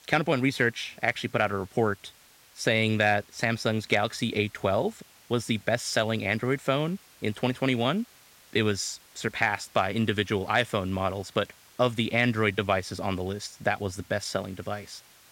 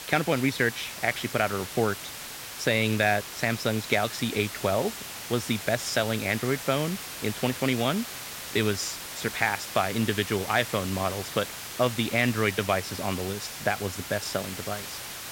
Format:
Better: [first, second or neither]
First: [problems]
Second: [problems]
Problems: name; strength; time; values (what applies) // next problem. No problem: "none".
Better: first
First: hiss; faint; throughout; 25 dB below the speech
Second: hiss; loud; throughout; 8 dB below the speech